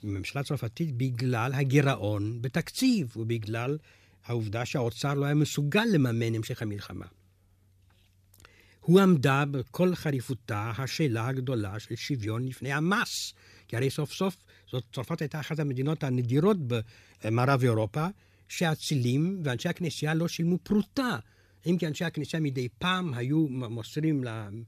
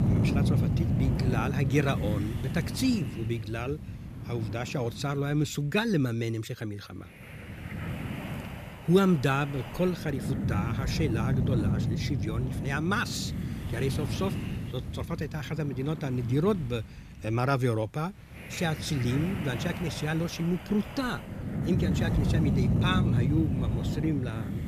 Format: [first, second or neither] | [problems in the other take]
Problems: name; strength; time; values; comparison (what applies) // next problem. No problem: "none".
first | wind noise on the microphone; heavy; 7 dB below the speech